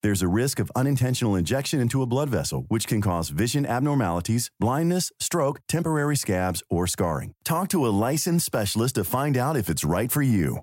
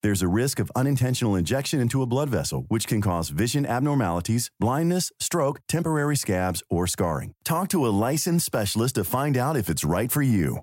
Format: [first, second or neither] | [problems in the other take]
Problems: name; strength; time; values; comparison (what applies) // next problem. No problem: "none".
neither | none